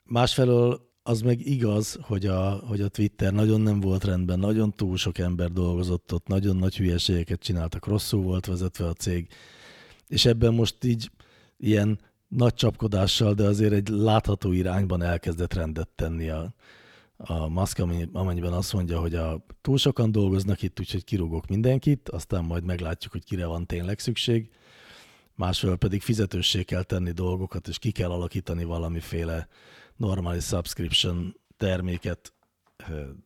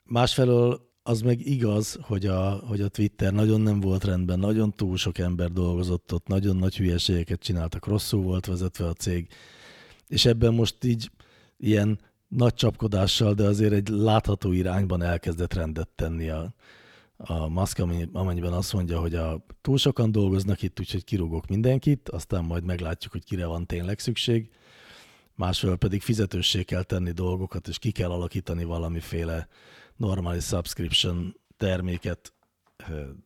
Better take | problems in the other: neither | none

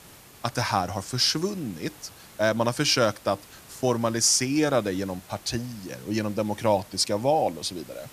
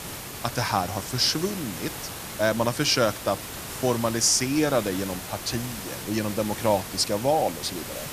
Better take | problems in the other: first | hiss; loud; throughout; 9 dB below the speech; faint in the first

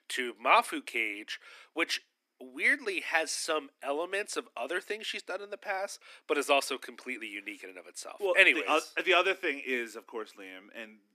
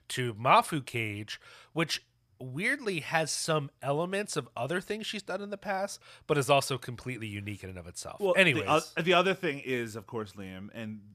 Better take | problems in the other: second | thin; somewhat; fading below 250 Hz

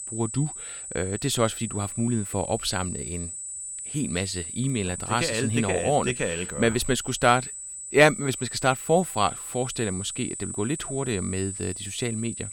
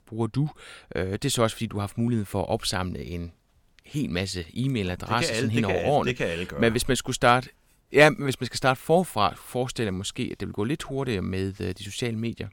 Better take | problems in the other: second | high-pitched whine; loud; throughout; 8 kHz, 7 dB below the speech

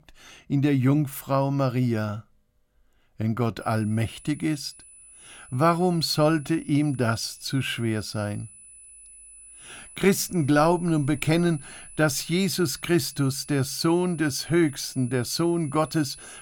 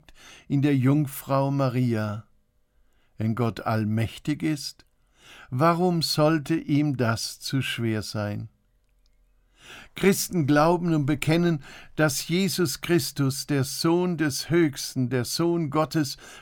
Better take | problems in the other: second | high-pitched whine; noticeable; from 3.5 s on; 10 kHz, 20 dB below the speech

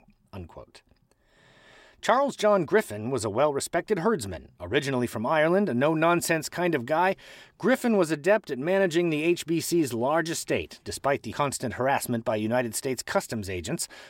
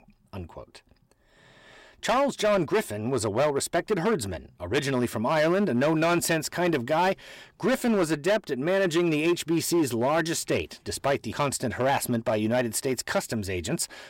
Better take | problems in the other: first | distortion; slight; 8% of the sound clipped

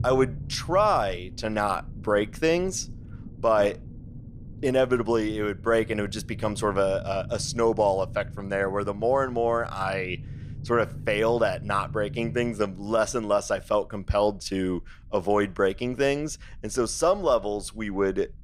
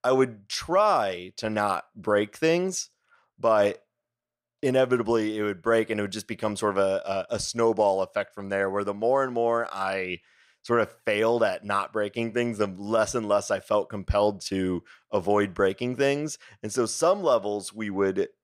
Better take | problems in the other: second | low rumble; faint; throughout; 25 dB below the speech

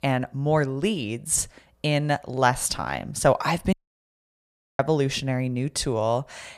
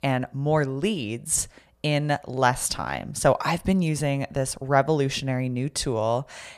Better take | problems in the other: second | audio cutting out; at 3.5 s for 1 s

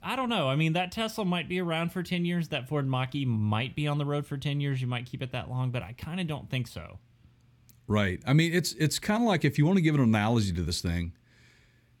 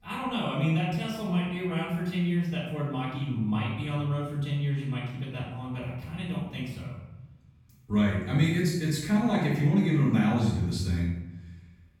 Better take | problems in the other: first | off-mic speech; far // room echo; noticeable; dies away in 0.9 s

